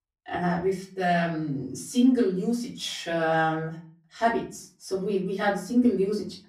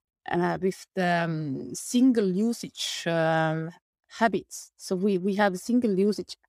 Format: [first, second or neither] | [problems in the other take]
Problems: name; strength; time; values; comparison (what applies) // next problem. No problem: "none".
second | off-mic speech; far // room echo; slight; dies away in 0.4 s